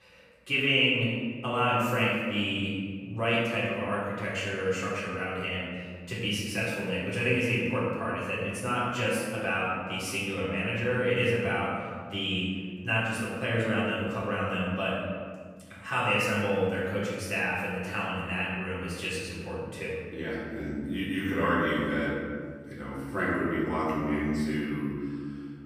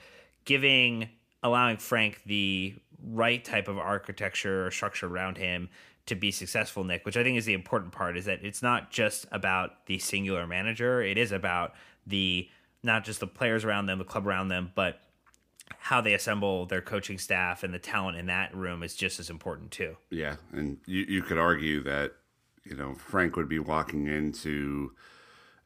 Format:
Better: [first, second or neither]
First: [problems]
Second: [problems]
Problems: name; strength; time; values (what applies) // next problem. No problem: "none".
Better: second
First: room echo; strong; dies away in 1.9 s // off-mic speech; far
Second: none